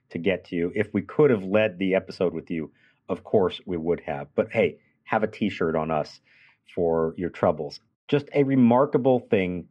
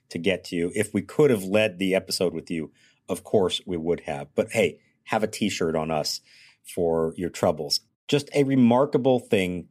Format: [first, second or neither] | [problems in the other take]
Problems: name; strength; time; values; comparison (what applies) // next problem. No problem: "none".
second | muffled; very; fading above 2 kHz